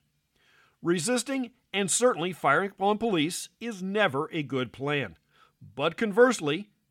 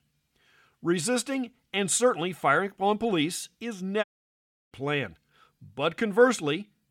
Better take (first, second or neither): first